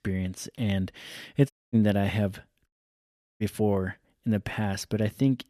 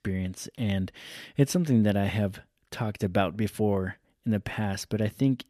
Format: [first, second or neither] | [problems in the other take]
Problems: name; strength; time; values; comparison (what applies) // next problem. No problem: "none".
second | audio cutting out; at 1.5 s and at 2.5 s for 0.5 s